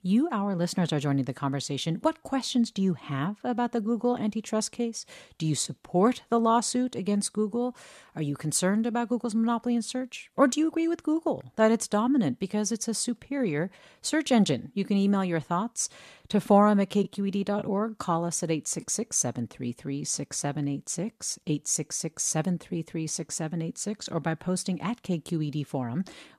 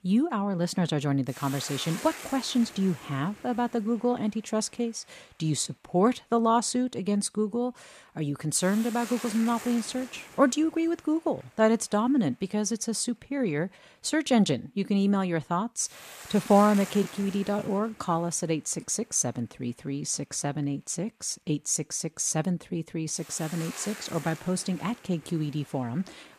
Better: first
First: none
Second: hiss; noticeable; throughout; 15 dB below the speech

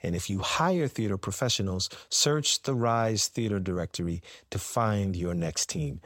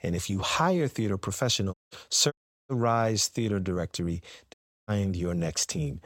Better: first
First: none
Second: audio cutting out; at 1.5 s, at 2.5 s and at 4.5 s

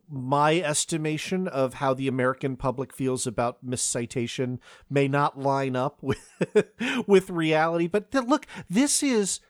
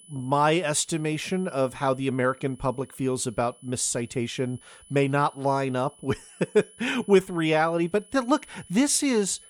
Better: first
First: none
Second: high-pitched whine; faint; throughout; 10 kHz, 25 dB below the speech

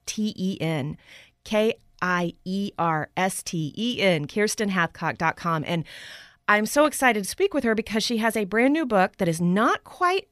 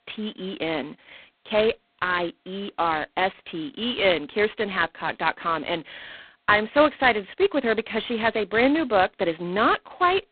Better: first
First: none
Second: phone-call audio; poor line; nothing above 4 kHz

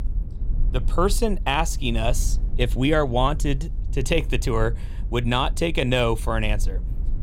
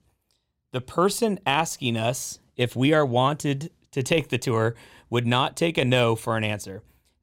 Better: second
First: low rumble; faint; throughout; 25 dB below the speech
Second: none

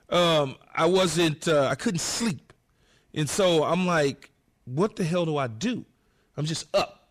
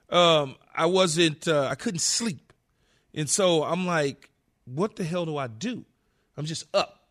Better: second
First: distortion; heavy; 8 dB below the speech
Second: none

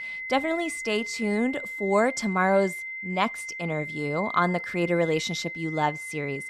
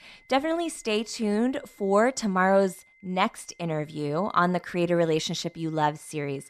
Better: second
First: high-pitched whine; loud; throughout; 2 kHz, 7 dB below the speech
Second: high-pitched whine; faint; throughout; 2 kHz, 30 dB below the speech

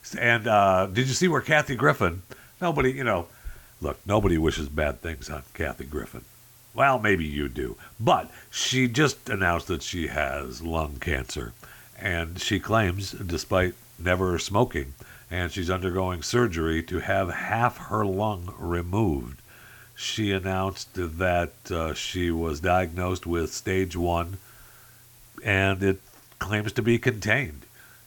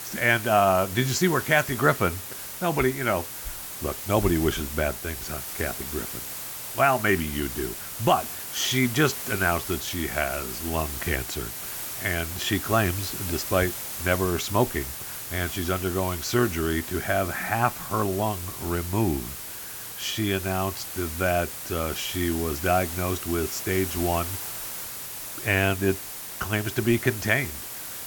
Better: first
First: hiss; faint; throughout; 25 dB below the speech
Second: hiss; loud; throughout; 7 dB below the speech

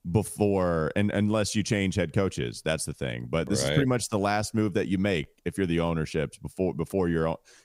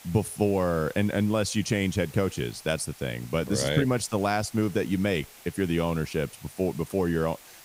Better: first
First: none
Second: hiss; faint; throughout; 20 dB below the speech

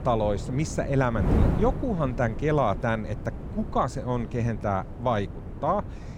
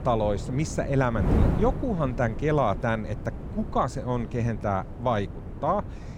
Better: neither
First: wind noise on the microphone; occasional gusts; 10 dB below the speech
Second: wind noise on the microphone; occasional gusts; 10 dB below the speech

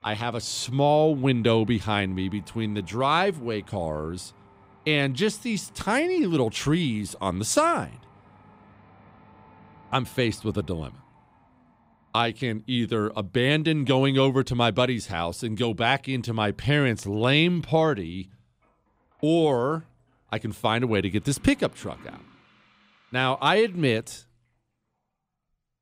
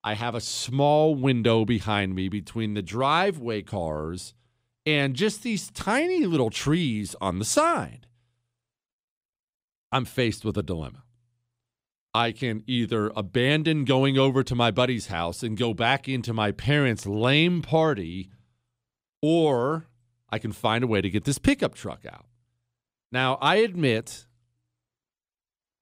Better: second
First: household noises; faint; throughout; 30 dB below the speech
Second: none

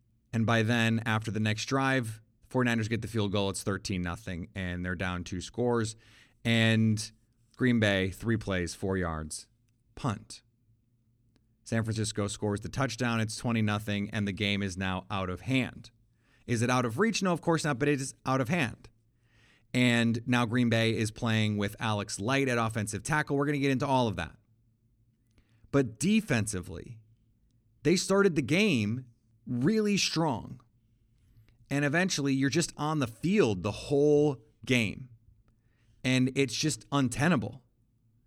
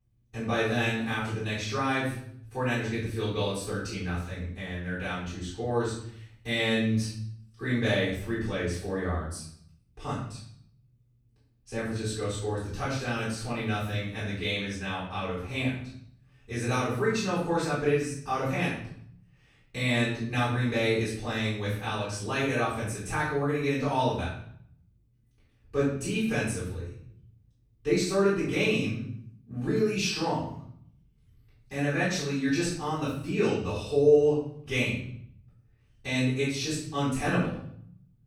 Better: first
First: none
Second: off-mic speech; far // room echo; noticeable; dies away in 0.6 s

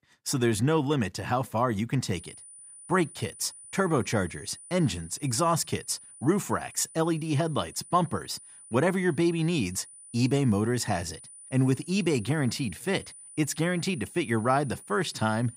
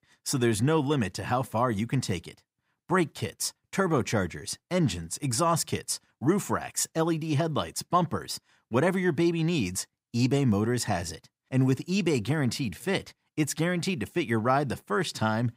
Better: second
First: high-pitched whine; noticeable; from 2 s on; 9.5 kHz, 15 dB below the speech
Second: none

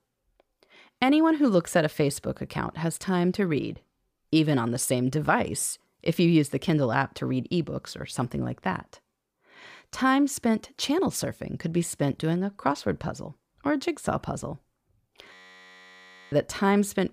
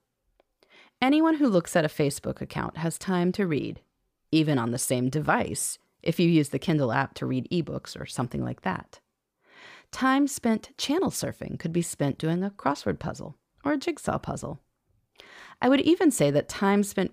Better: second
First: audio freezing; at 15 s for 1 s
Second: none

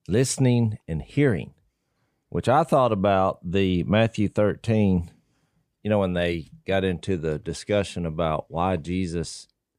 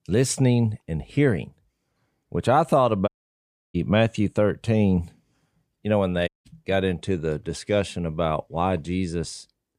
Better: first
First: none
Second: audio cutting out; at 3 s for 0.5 s and at 6.5 s

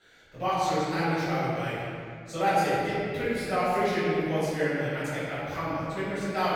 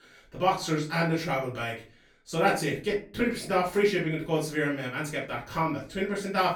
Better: second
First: room echo; strong; dies away in 2.2 s // off-mic speech; far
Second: room echo; slight; dies away in 0.3 s // off-mic speech; far

